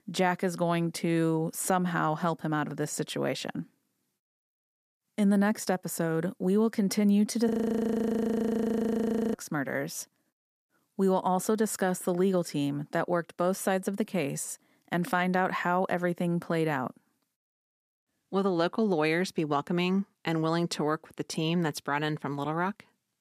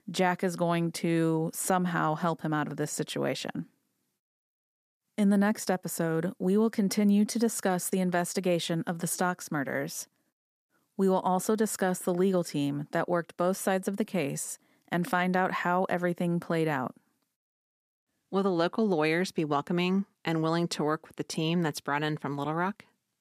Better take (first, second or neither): second